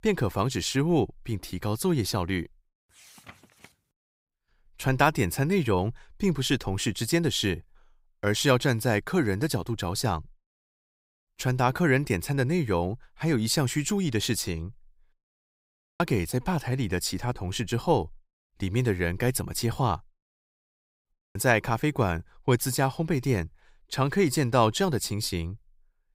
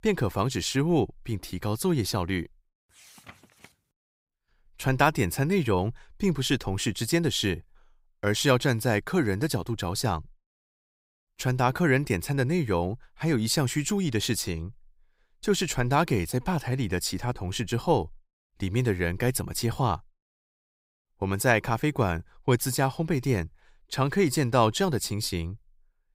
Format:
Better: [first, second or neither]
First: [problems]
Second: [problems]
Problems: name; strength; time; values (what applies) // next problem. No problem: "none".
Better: second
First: audio cutting out; at 15 s for 1 s and at 21 s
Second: none